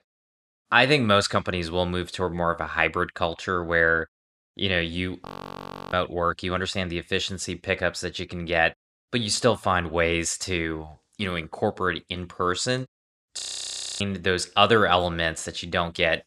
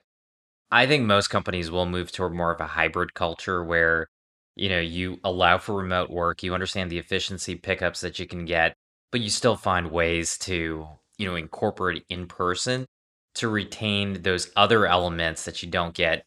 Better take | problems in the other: second | audio freezing; at 5.5 s for 0.5 s and at 13 s for 0.5 s

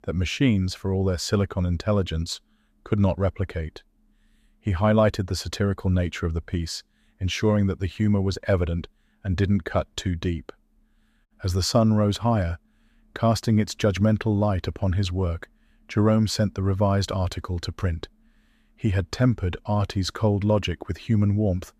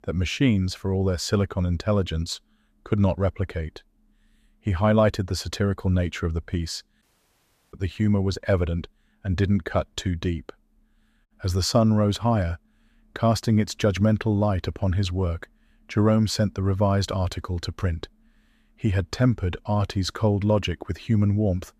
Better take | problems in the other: first | audio cutting out; at 7 s for 0.5 s

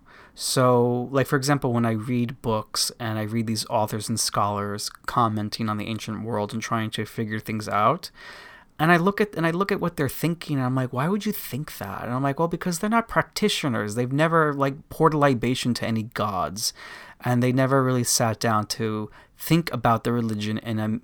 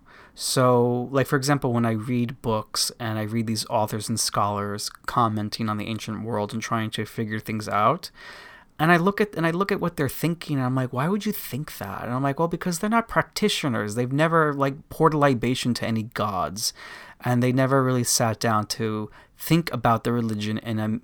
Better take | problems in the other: neither | none

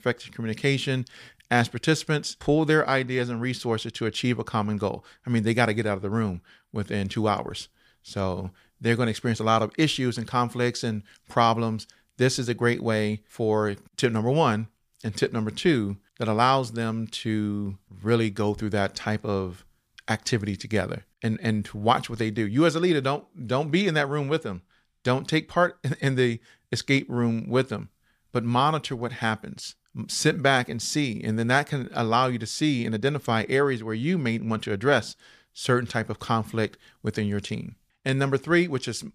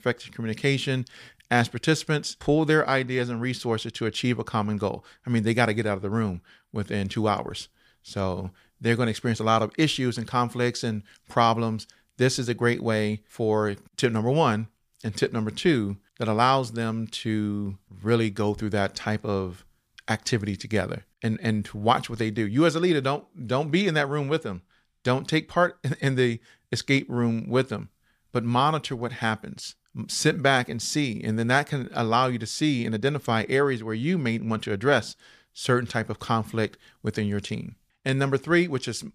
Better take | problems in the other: neither | none

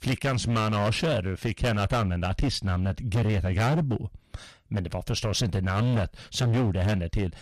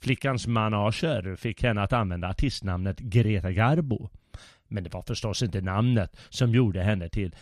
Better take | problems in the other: second | distortion; heavy; 17% of the sound clipped

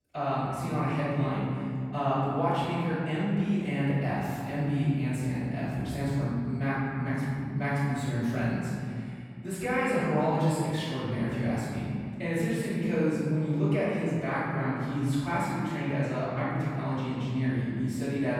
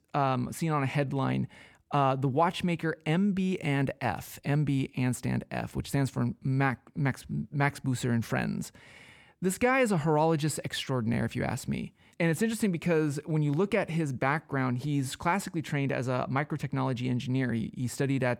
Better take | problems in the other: second | room echo; strong; dies away in 2.4 s // off-mic speech; far

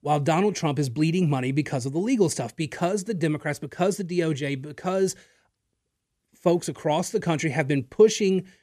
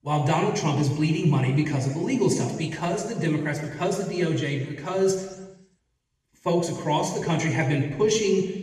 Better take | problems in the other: first | room echo; noticeable; dies away in 1.1 s // off-mic speech; far

